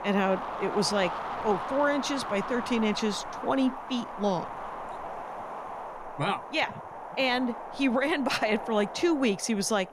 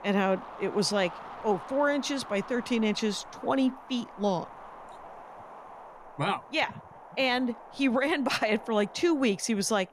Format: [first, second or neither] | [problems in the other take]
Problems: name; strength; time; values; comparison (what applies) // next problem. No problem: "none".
second | wind noise on the microphone; heavy; 6 dB below the speech; occasional gusts in the second